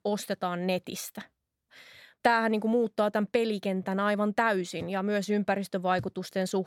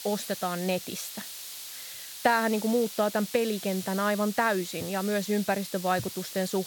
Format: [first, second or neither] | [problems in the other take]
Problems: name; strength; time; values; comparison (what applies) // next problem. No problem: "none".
first | hiss; loud; throughout; 10 dB below the speech